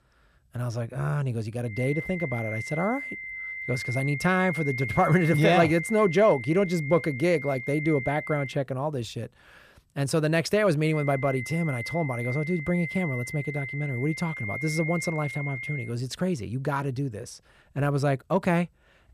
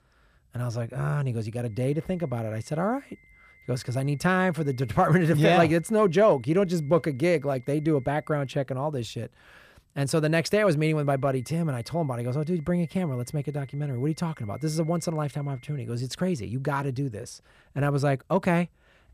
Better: second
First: high-pitched whine; loud; from 1.5 to 8.5 s and from 11 to 16 s; 2 kHz, 8 dB below the speech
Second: high-pitched whine; faint; from 1.5 to 8.5 s and from 11 to 16 s; 2 kHz, 30 dB below the speech

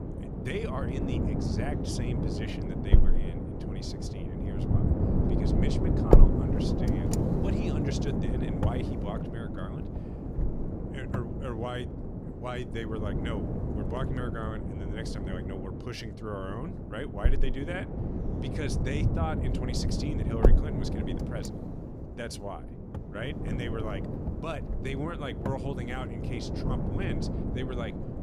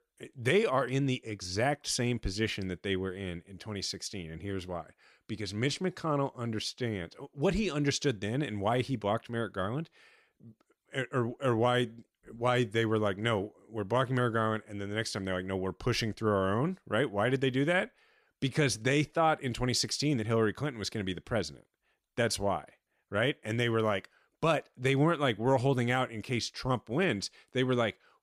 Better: second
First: wind noise on the microphone; heavy; 1 dB above the speech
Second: none

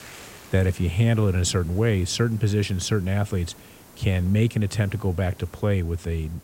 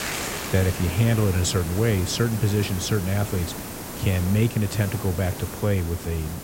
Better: first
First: hiss; faint; throughout; 20 dB below the speech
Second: hiss; loud; throughout; 8 dB below the speech

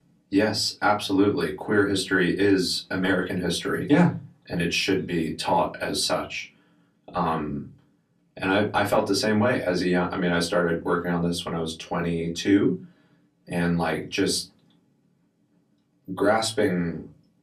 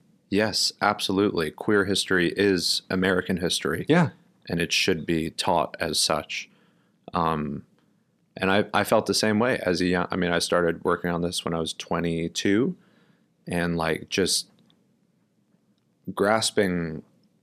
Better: second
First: off-mic speech; far // room echo; very slight; dies away in 0.2 s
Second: none

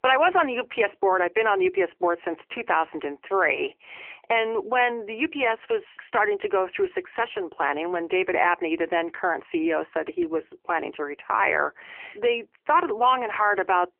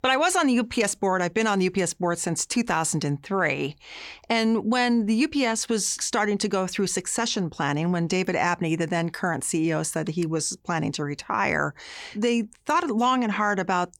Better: second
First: phone-call audio; poor line; nothing above 3 kHz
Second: none

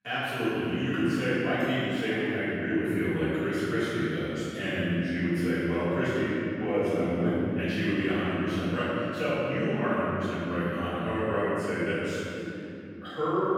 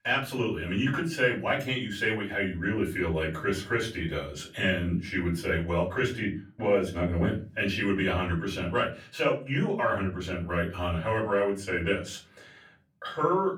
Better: second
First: room echo; strong; dies away in 3 s // off-mic speech; far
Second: room echo; slight; dies away in 0.3 s // off-mic speech; far

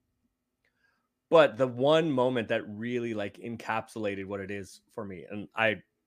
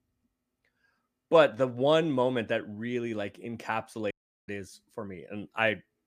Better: first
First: none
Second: audio cutting out; at 4 s

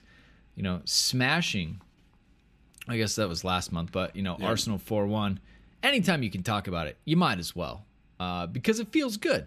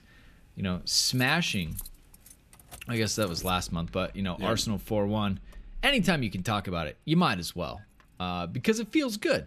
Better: first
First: none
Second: traffic noise; noticeable; throughout; 20 dB below the speech

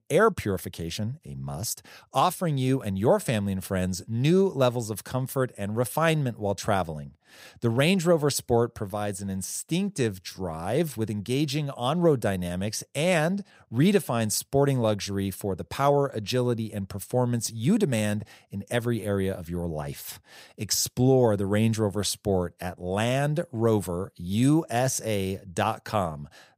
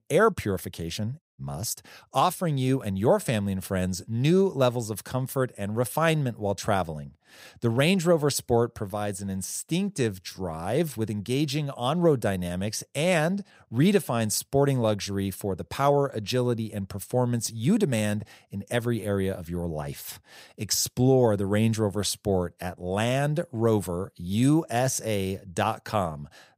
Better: first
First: none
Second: audio cutting out; at 1 s

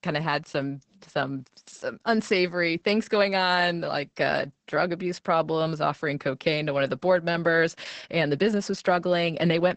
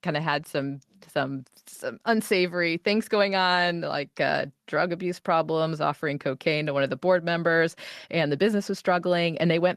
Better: second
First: garbled, watery; badly; nothing above 8 kHz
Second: garbled, watery; slightly; nothing above 13.5 kHz

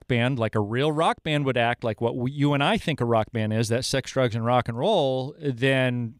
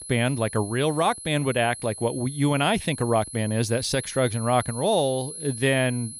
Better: first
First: none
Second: high-pitched whine; noticeable; throughout; 10.5 kHz, 10 dB below the speech

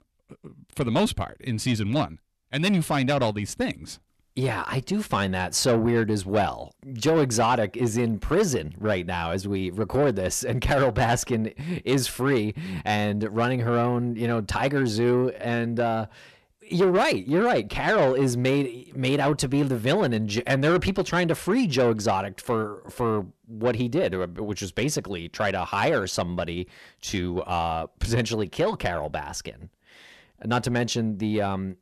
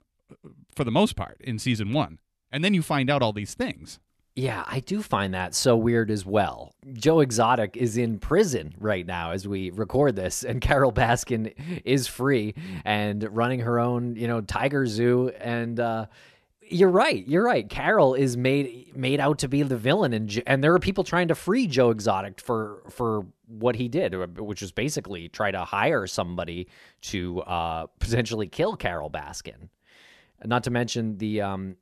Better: second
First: distortion; slight; 10 dB below the speech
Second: none

